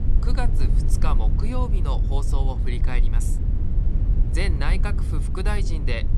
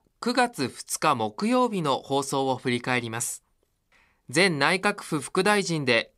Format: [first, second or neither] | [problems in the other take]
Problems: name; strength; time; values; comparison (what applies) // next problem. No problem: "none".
second | low rumble; loud; throughout; 7 dB below the speech